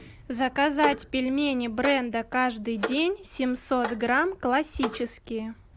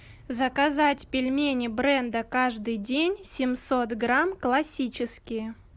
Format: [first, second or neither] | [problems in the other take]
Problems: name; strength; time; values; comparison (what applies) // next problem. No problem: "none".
second | background sound (Clock); 12 dB below the speech